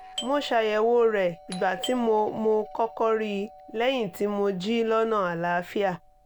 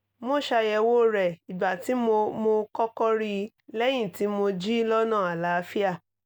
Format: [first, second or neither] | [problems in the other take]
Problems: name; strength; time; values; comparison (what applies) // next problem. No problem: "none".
second | background sound (Doorbell); 17 dB below the speech